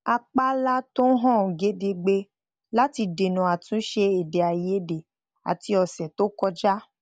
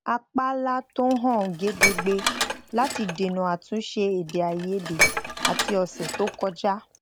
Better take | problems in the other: first | background sound (Dishes, pots, and pans); 3 dB below the speech

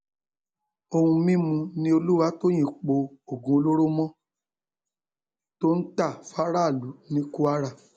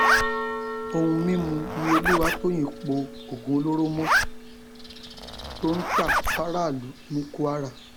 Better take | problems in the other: first | background sound (Zipper (clothing) + Church bell); as loud as the speech

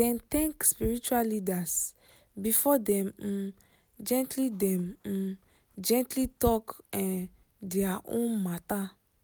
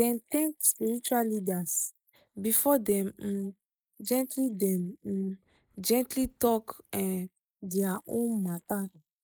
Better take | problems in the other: first | noise reduction (neural mask model Resemble Enhance denoiser)

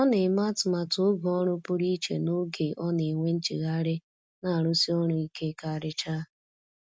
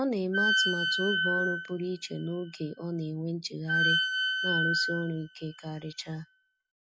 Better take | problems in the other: first | noise reduction (classical method log-MMSE)

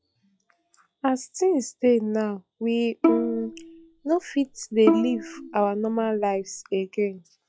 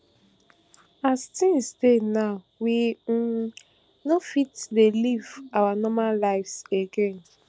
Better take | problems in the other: second | noise reduction (classical method log-MMSE)

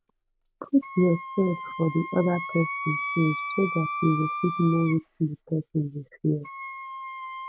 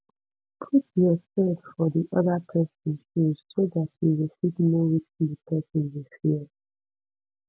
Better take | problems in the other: second | background sound (Wind instrument, woodwind instrument); 8 dB below the speech

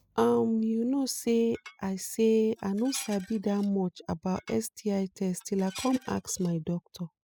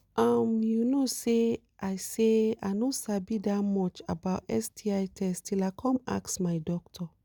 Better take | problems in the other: second | noise reduction (classical method spectral subtraction)

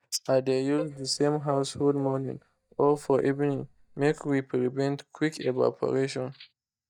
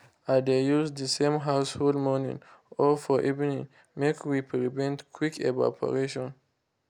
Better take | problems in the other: second | noise reduction (neural mask model DeepFilterNet 3)

